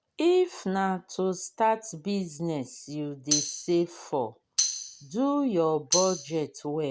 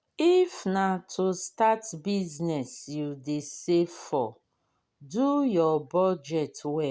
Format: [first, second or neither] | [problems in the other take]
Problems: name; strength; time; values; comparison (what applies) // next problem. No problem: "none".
second | background sound (Tambourine); 2 dB below the speech